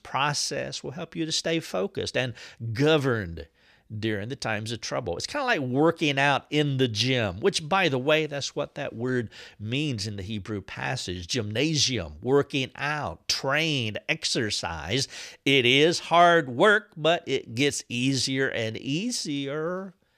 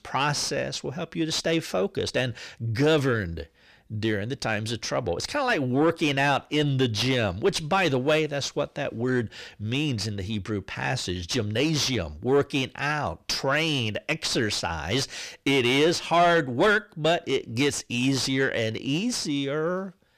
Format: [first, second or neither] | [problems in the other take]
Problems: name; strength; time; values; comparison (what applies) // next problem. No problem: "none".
first | distortion; slight; 10 dB below the speech